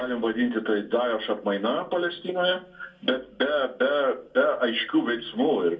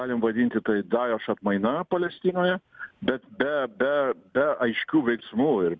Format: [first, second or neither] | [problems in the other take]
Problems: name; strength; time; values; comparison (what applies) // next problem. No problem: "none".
second | room echo; dies away in 0.2 s